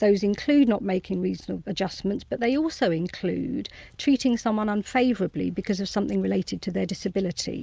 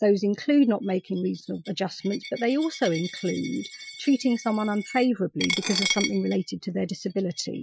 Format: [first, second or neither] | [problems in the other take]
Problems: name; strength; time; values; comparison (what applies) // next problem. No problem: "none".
first | noise reduction (classical method Wiener filter)